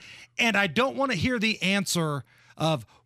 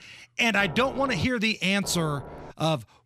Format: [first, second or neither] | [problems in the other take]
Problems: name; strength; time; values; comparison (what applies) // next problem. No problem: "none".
first | low rumble; noticeable; at 0.5 s and at 2 s; 15 dB below the speech